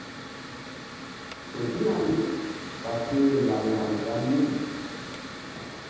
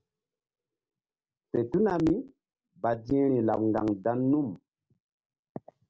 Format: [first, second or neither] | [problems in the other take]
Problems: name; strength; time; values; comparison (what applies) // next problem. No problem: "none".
second | background sound (Mechanical fan); 10 dB below the speech // room echo; dies away in 1.2 s